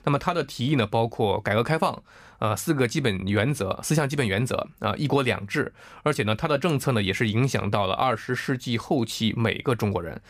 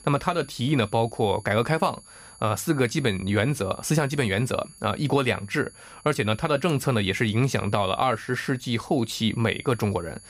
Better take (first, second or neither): first